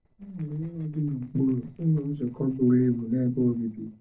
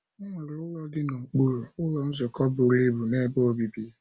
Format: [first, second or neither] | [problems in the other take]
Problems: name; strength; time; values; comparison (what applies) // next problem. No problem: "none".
second | noise reduction (neural separator model SepFormer DNS4)